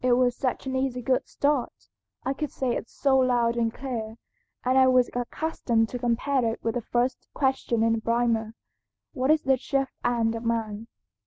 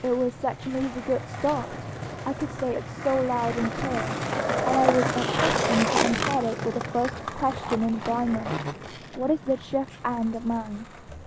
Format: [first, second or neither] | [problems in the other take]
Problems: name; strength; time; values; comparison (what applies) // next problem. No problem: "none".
first | background sound (Skateboard); 2 dB below the speech